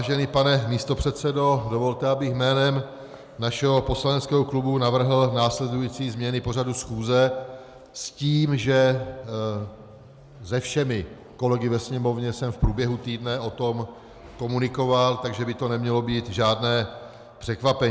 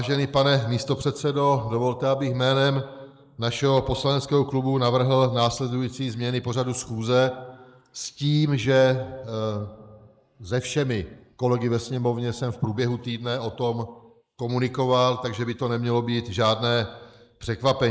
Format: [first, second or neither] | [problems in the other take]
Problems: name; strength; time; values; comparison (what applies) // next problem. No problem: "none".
first | noise reduction (neural mask model Resemble Enhance denoiser)